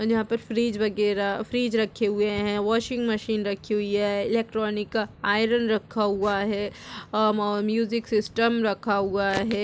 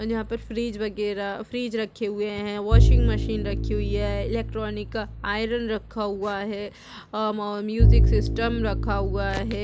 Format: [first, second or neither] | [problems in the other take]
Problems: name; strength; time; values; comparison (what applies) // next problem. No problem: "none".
first | background sound (Bowed string instrument); 4 dB above the speech